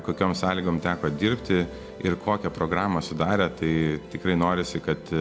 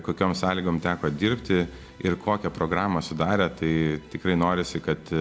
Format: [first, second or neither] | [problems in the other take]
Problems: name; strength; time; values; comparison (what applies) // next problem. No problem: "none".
second | background sound (Musical instrument); 17 dB below the speech